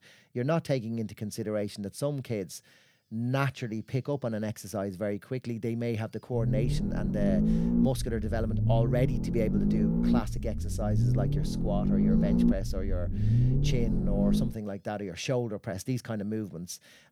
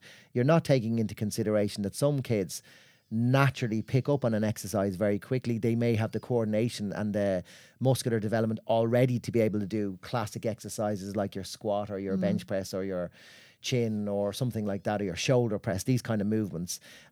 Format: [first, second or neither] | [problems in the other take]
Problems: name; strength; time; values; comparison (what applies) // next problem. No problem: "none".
second | low rumble; loud; from 6.5 to 14 s; as loud as the speech